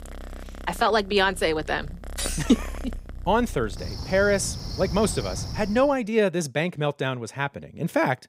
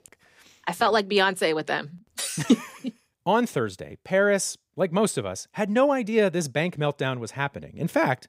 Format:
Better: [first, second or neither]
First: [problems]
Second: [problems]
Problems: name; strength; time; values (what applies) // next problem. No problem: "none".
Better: second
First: animal sounds; noticeable; until 6 s; 10 dB below the speech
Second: none